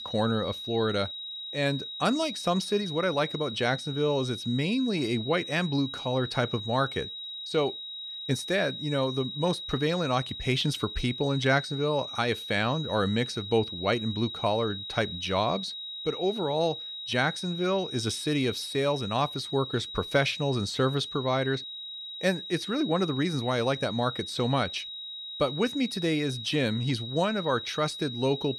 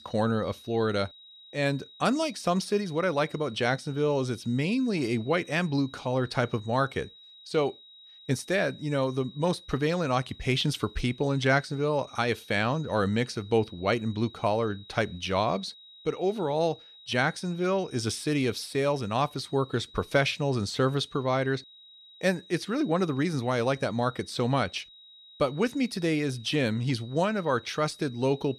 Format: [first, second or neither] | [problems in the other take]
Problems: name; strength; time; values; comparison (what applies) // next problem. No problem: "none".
second | high-pitched whine; loud; throughout; 4 kHz, 7 dB below the speech; faint in the second